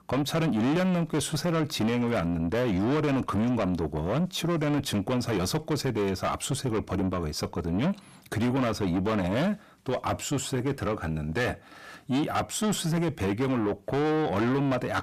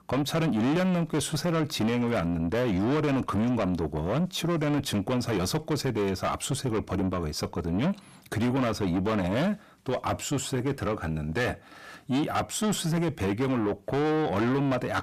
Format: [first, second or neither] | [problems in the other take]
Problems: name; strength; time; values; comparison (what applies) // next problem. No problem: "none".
neither | distortion; heavy; 7 dB below the speech; the same in both